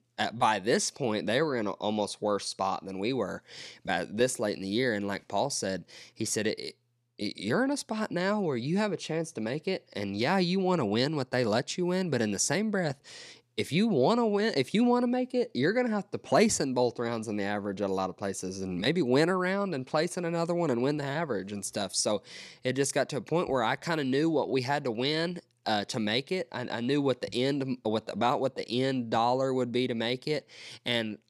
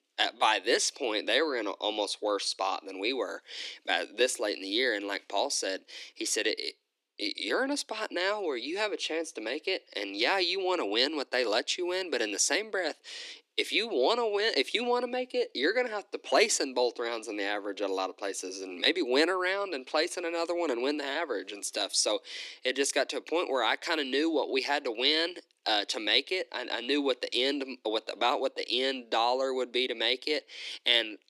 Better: first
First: none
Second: thin; somewhat; fading below 300 Hz

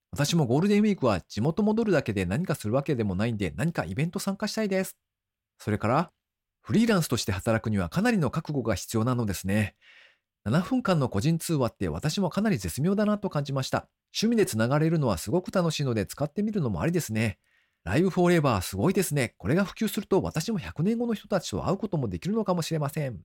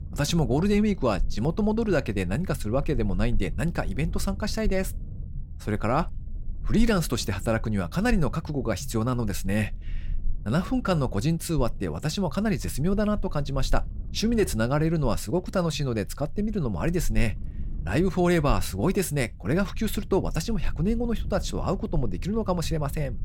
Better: first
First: none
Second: low rumble; faint; throughout; 25 dB below the speech

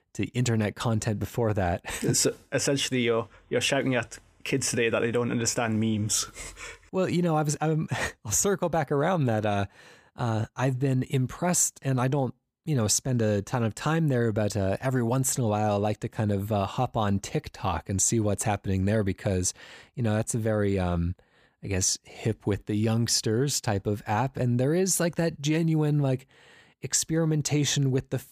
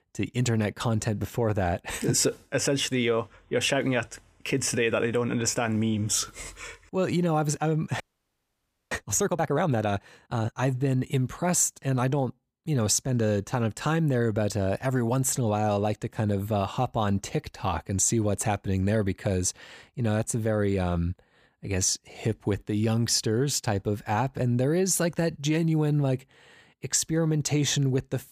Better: first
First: none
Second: audio freezing; at 8 s for 1 s

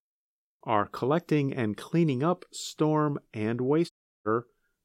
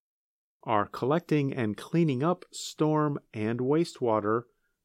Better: second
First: audio cutting out; at 4 s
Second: none

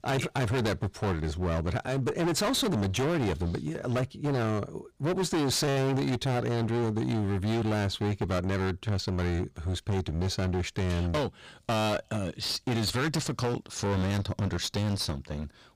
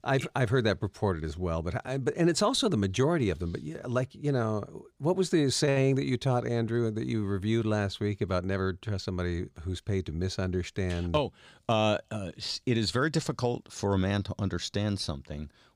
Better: second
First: distortion; heavy; 27% of the sound clipped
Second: none

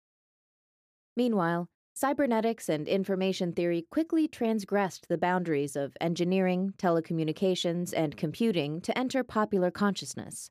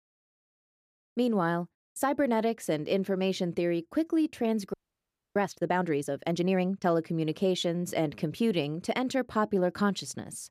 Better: first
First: none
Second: audio freezing; at 4.5 s for 0.5 s

